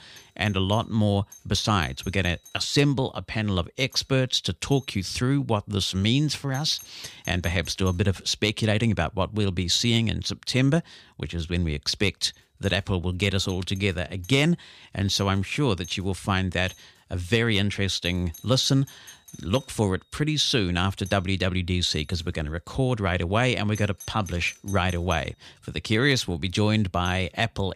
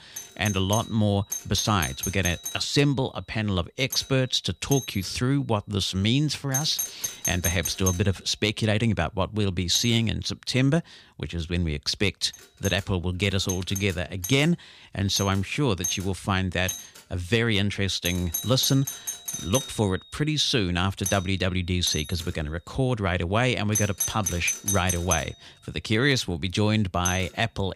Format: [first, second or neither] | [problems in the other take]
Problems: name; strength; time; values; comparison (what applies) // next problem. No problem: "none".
first | alarms or sirens; loud; throughout; 6 dB below the speech; faint in the first